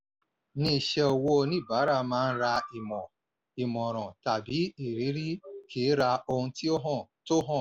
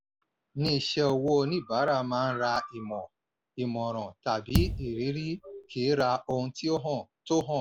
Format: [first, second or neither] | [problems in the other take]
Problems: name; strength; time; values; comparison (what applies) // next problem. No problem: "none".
first | background sound (Bass drum); 3 dB below the speech